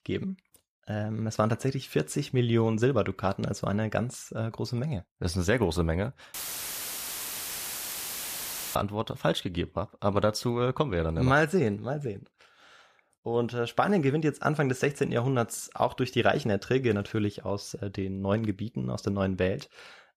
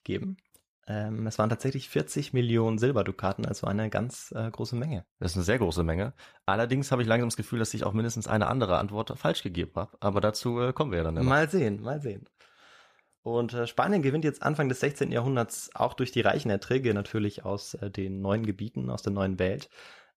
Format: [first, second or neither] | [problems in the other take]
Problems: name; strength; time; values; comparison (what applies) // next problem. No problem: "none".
second | audio cutting out; filled with static; at 6.5 s for 2.5 s